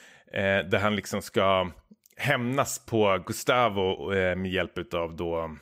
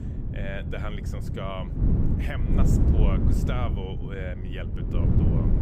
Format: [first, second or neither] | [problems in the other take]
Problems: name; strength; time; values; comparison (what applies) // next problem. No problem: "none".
first | wind noise on the microphone; heavy; as loud as the speech